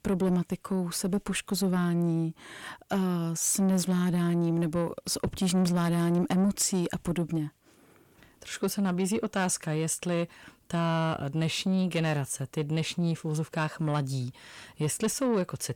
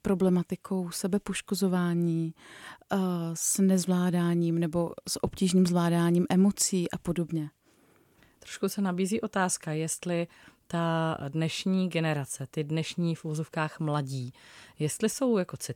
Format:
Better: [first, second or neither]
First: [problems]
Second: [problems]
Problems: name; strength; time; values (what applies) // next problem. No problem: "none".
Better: second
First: distortion; slight; 10 dB below the speech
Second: none